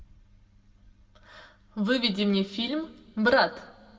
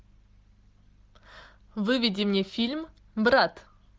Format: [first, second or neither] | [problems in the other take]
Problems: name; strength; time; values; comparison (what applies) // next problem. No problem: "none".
second | room echo; dies away in 1.5 s